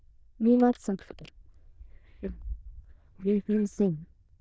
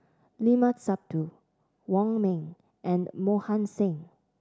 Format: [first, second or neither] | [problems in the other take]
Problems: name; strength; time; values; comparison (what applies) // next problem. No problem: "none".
second | noise reduction (neural diffusion model UNIVERSE++)